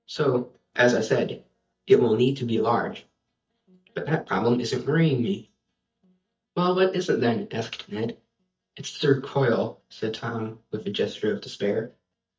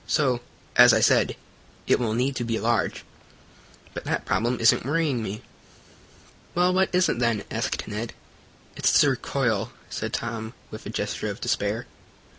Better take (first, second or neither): second